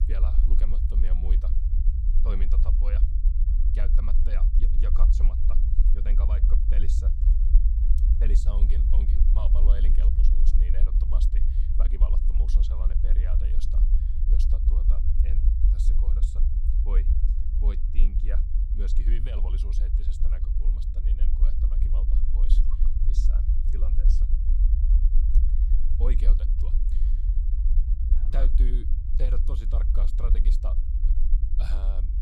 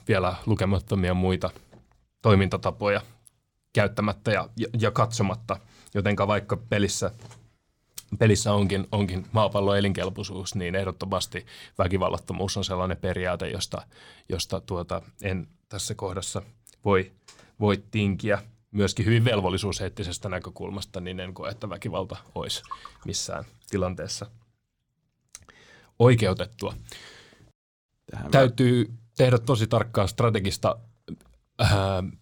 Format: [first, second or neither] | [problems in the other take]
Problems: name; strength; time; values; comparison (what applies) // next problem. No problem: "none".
second | low rumble; loud; throughout; 1 dB below the speech